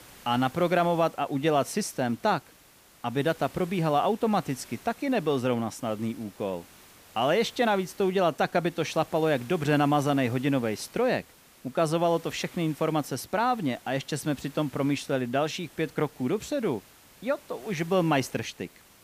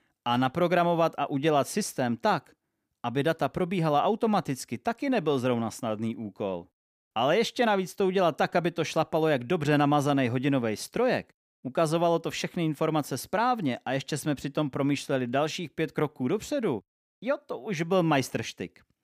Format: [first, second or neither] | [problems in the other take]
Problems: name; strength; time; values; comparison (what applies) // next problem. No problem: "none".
second | hiss; faint; throughout; 25 dB below the speech